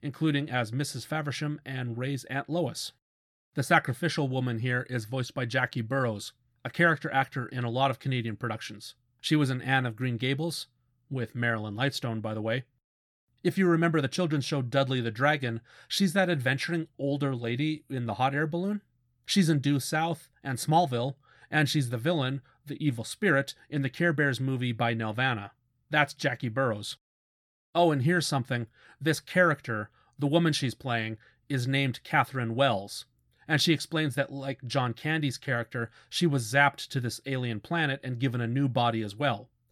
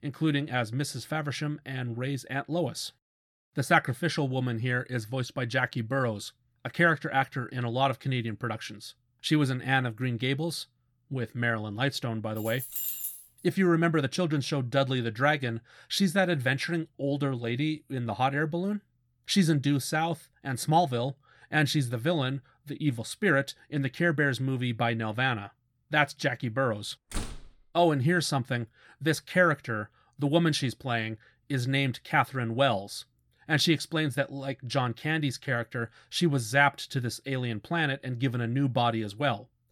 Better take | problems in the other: first | jangling keys; noticeable; at 12 s; peak 2 dB below the speech // door banging; noticeable; at 27 s; peak 10 dB below the speech

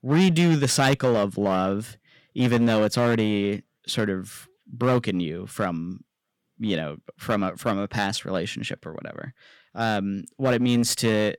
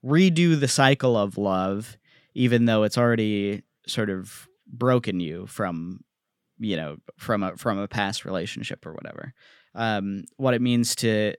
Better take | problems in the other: second | distortion; slight; 7% of the sound clipped

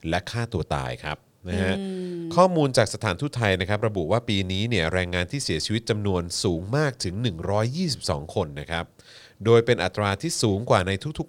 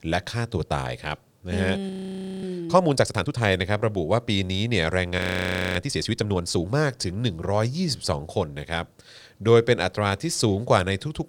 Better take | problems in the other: first | audio freezing; at 2 s for 0.5 s and at 5 s for 0.5 s

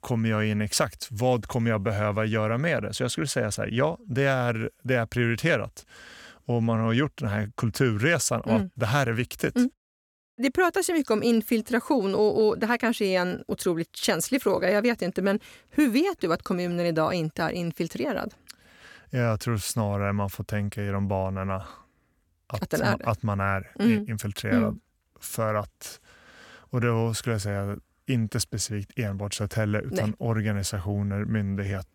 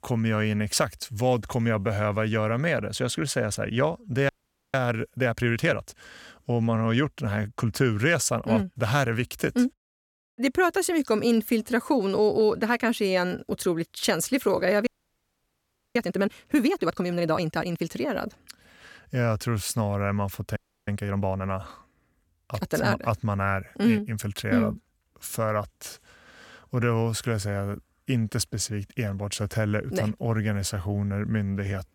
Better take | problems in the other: first | audio freezing; at 4.5 s, at 15 s for 1 s and at 21 s

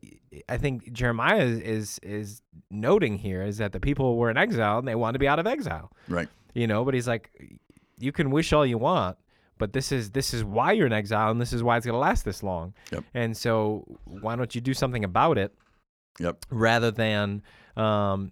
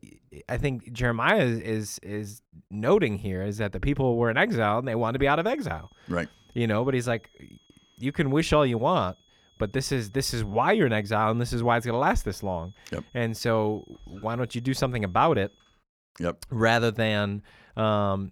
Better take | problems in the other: first | high-pitched whine; faint; from 5.5 to 16 s; 3.5 kHz, 35 dB below the speech

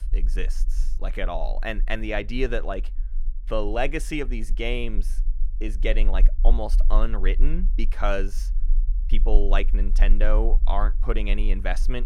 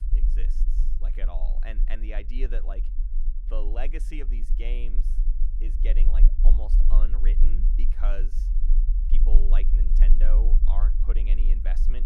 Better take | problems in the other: first | low rumble; loud; throughout; 8 dB below the speech; faint in the first

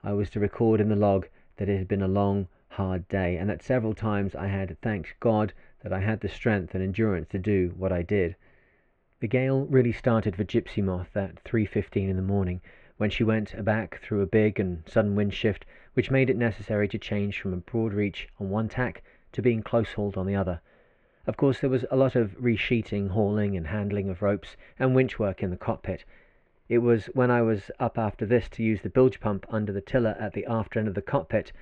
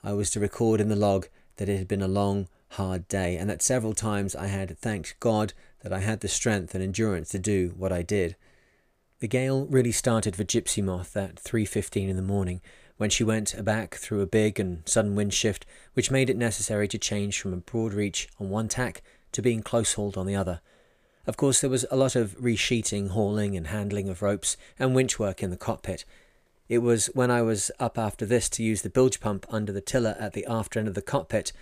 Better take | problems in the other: second | muffled; very; fading above 2.5 kHz

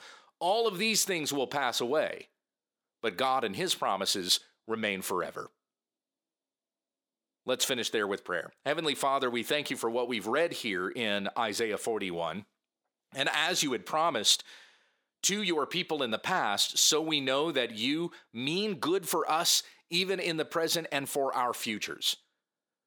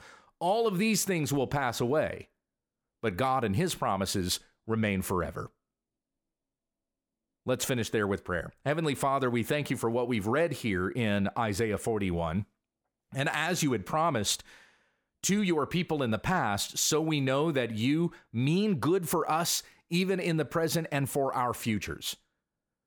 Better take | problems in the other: second | thin; somewhat; fading below 300 Hz

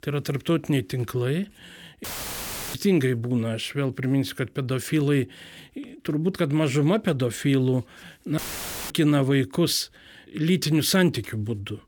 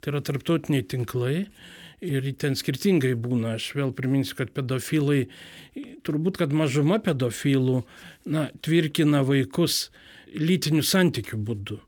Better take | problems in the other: second | audio cutting out; filled with static; at 2 s for 0.5 s and at 8.5 s for 0.5 s

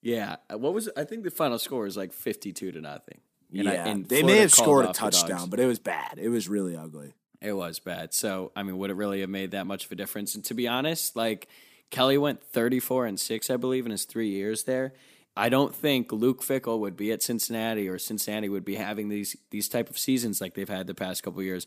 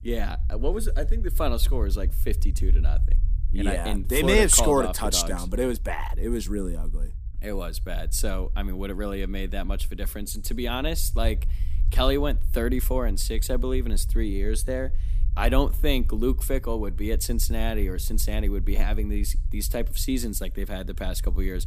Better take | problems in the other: first | low rumble; faint; throughout; 25 dB below the speech

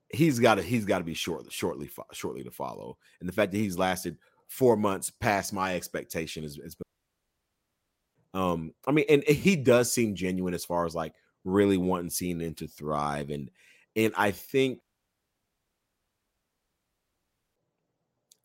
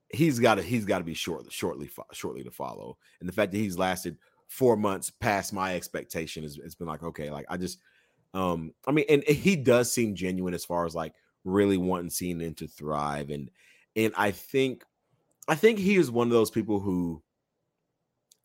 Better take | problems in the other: second | audio cutting out; at 7 s for 1.5 s and at 15 s for 2.5 s

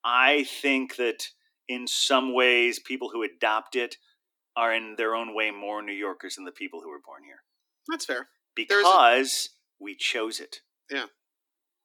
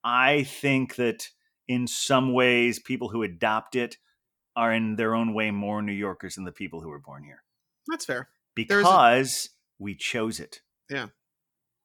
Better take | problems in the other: second | thin; very slightly; fading below 250 Hz

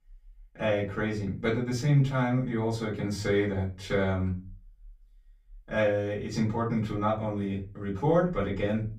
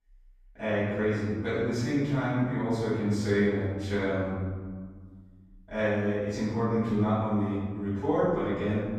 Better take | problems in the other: first | room echo; strong; dies away in 1.5 s; slight in the first // off-mic speech; far; far in the first

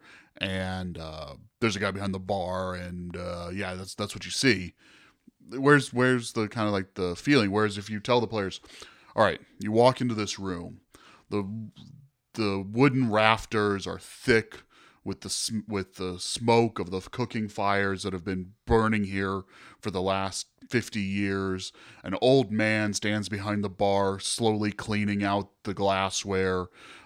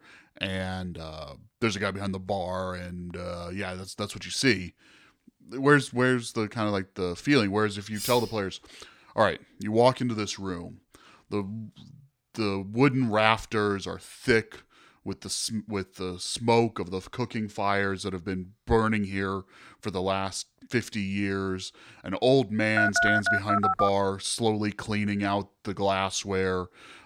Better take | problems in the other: first | clattering dishes; noticeable; at 8 s; peak 6 dB below the speech // phone ringing; loud; from 23 to 24 s; peak 5 dB above the speech

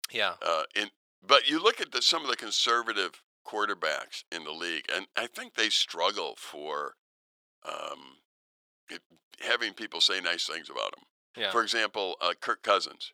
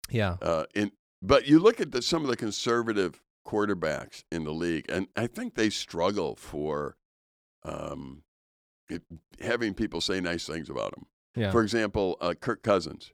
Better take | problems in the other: second | thin; very; fading below 700 Hz

